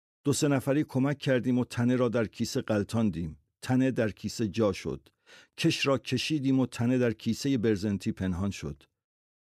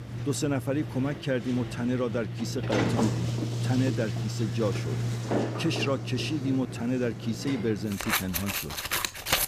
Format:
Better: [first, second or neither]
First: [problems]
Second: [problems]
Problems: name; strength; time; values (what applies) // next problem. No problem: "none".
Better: first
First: none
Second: household noises; loud; throughout; 1 dB below the speech